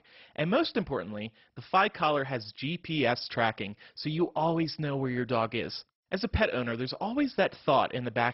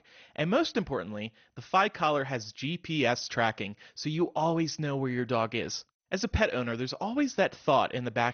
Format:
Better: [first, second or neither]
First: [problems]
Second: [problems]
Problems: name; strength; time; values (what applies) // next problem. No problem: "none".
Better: second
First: garbled, watery; badly; nothing above 5.5 kHz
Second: garbled, watery; slightly; nothing above 6.5 kHz